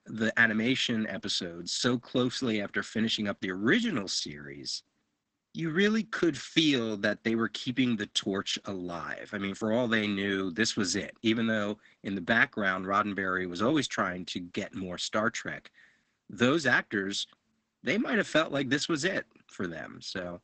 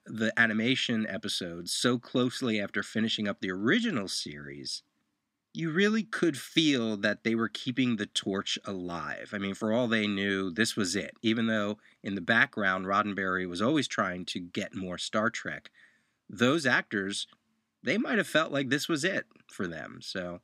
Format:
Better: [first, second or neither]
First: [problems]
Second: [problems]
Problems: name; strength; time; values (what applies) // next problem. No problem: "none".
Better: second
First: garbled, watery; badly; nothing above 8 kHz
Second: none